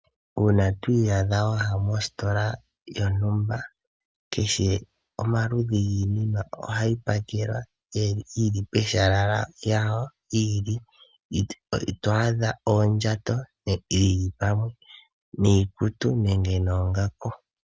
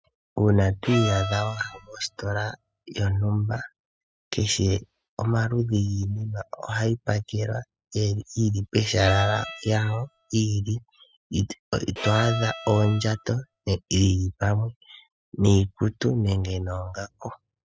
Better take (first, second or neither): first